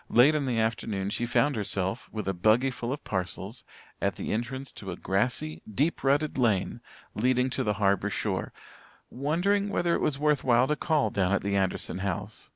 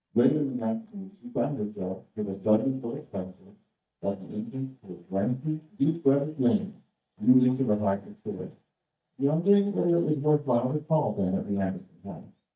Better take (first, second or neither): first